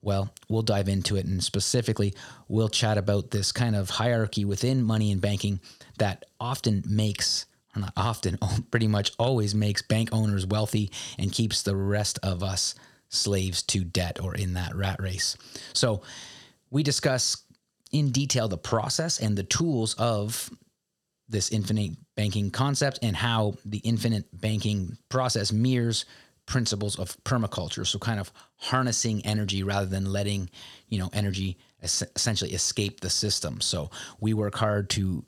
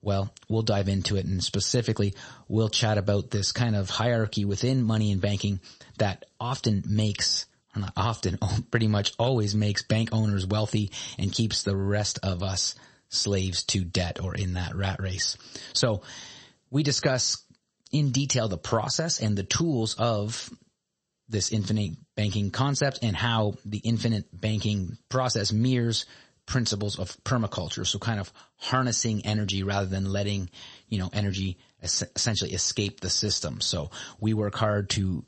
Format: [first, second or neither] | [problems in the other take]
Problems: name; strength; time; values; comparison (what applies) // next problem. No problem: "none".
first | garbled, watery; slightly; nothing above 8 kHz